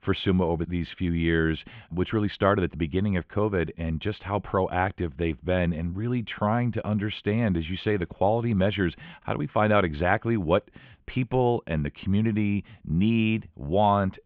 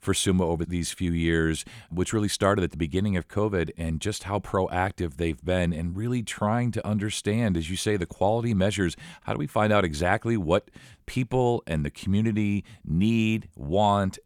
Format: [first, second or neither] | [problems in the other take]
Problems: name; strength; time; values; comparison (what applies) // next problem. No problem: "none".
second | muffled; very; fading above 3 kHz